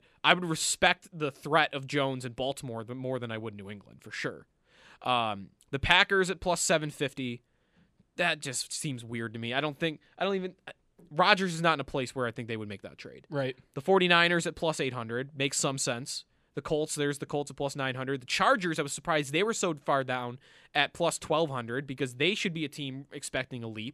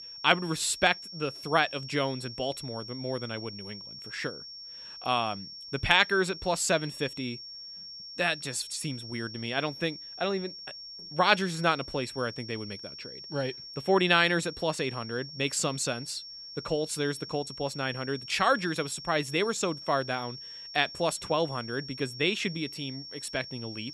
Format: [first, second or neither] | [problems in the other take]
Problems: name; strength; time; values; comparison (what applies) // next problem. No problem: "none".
first | high-pitched whine; noticeable; throughout; 5.5 kHz, 10 dB below the speech